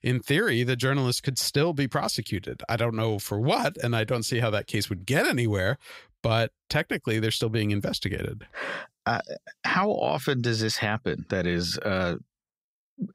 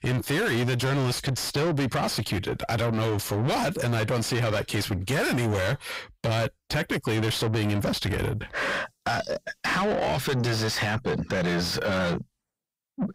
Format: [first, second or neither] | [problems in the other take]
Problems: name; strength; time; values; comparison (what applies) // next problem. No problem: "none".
first | distortion; heavy; 5 dB below the speech